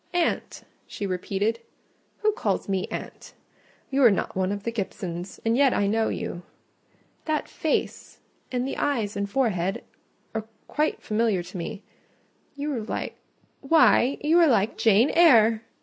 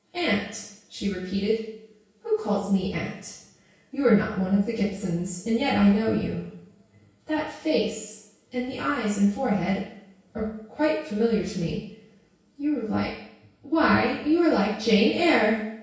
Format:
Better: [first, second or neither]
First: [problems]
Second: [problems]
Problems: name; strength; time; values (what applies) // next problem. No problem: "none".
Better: first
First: none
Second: room echo; dies away in 0.6 s